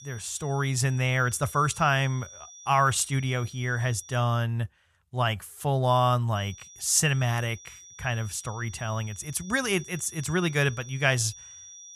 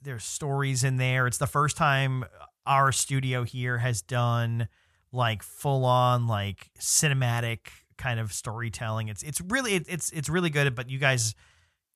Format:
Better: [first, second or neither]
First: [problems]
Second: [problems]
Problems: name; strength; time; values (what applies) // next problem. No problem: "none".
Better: second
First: high-pitched whine; noticeable; until 4 s and from 6.5 s on; 6 kHz, 20 dB below the speech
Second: none